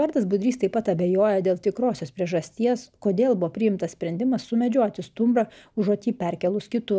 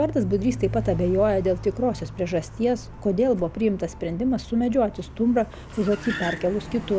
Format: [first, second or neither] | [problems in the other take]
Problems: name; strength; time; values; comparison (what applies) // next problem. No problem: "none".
first | background sound (Car); 11 dB below the speech